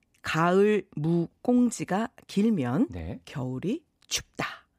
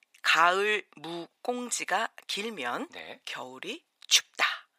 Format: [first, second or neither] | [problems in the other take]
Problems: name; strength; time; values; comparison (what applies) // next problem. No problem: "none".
first | thin; very; fading below 850 Hz